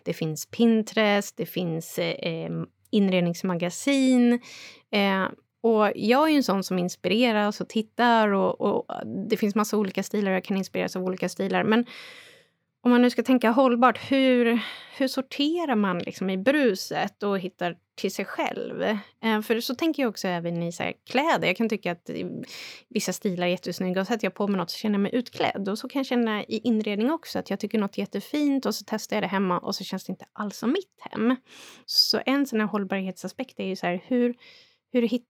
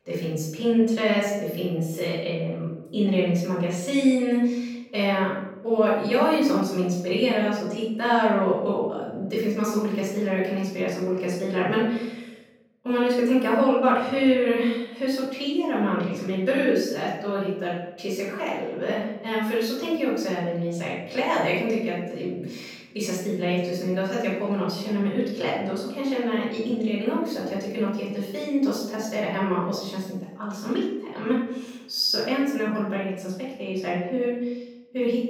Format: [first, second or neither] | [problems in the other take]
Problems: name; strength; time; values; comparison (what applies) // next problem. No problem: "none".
first | off-mic speech; far // room echo; noticeable; dies away in 0.8 s